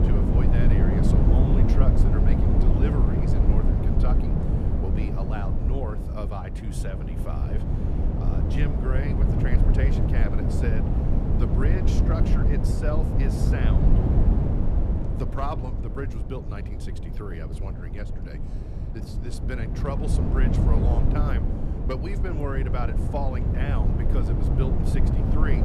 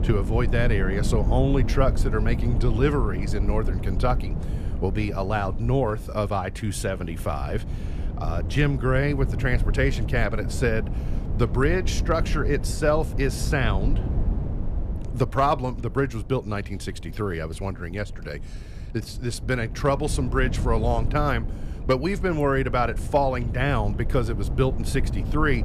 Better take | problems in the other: second | wind noise on the microphone; heavy; 1 dB above the speech; occasional gusts in the second

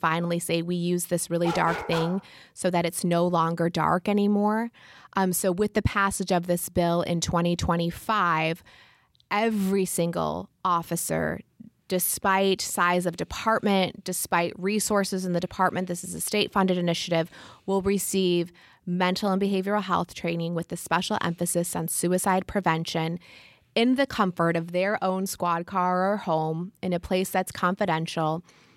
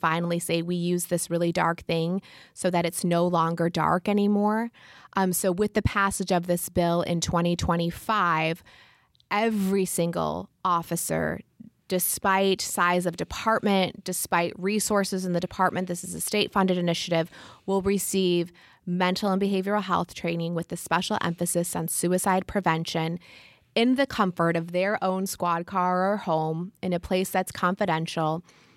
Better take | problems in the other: second | dog barking; noticeable; at 1.5 s; peak 6 dB below the speech

